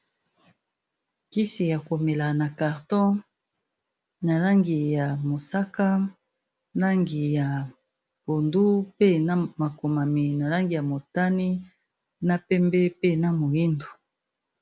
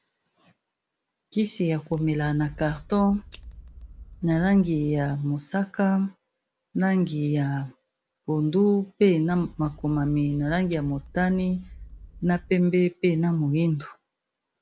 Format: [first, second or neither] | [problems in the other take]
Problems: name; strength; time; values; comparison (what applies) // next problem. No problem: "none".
first | background sound (Scissors); 18 dB below the speech